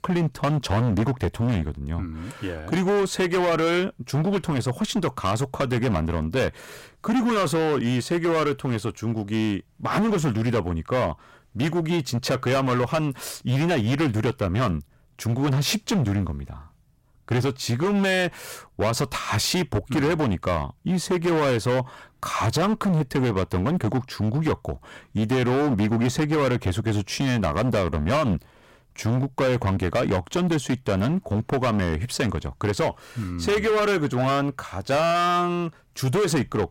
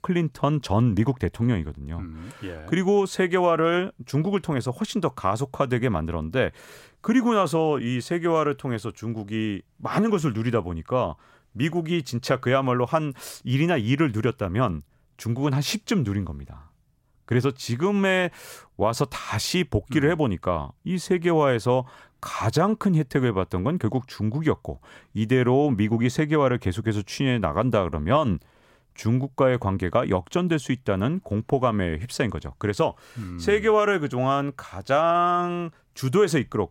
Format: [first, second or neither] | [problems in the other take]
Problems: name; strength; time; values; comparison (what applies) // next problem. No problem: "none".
second | distortion; heavy; 18% of the sound clipped